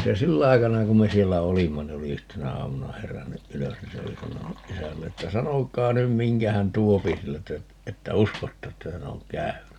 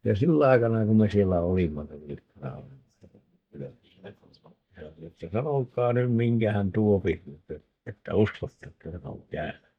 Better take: first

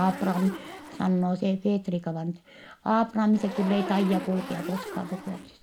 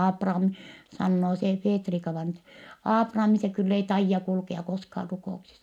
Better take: second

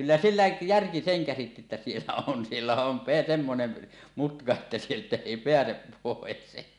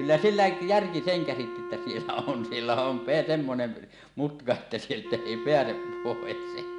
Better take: first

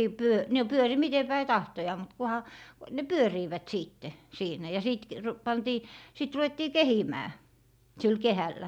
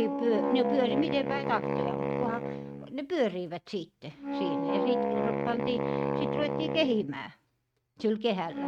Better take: first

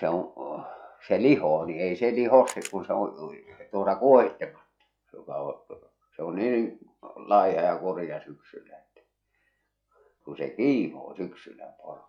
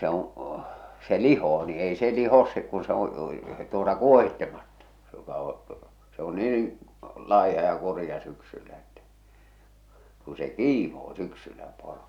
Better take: second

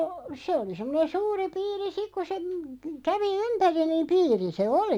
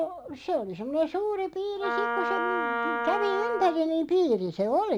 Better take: first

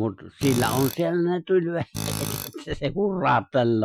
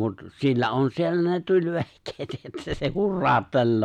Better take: second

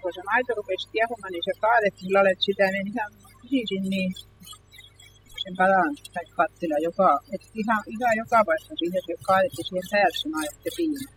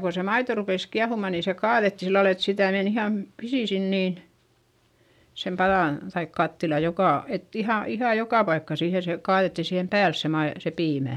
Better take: second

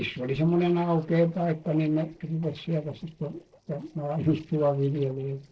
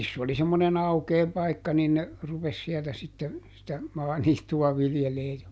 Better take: second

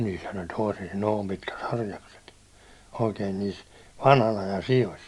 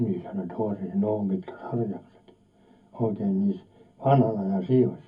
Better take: first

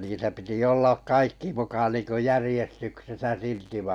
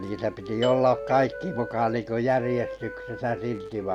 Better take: first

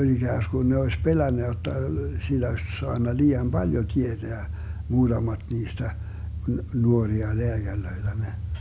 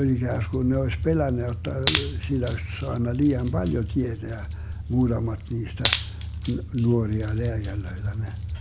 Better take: first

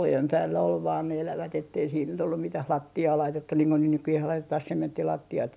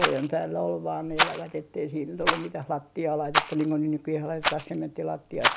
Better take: first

